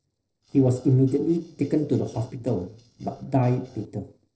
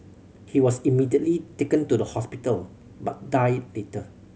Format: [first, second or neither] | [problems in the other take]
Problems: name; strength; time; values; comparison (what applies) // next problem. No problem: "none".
second | noise reduction (neural separator model SepFormer DNS4)